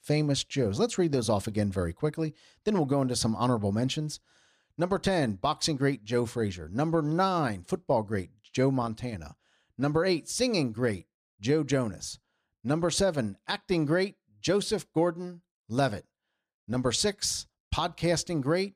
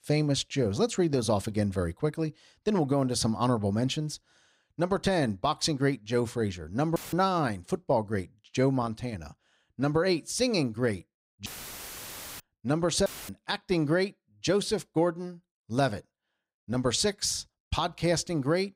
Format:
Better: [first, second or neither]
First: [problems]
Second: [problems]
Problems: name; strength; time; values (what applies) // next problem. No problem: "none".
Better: first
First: none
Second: audio cutting out; filled with static; at 7 s, at 11 s for 1 s and at 13 s